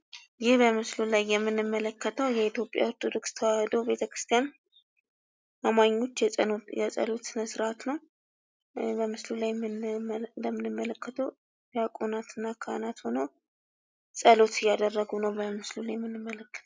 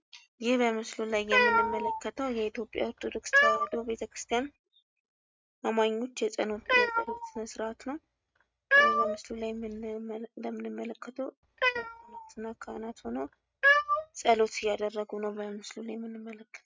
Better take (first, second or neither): first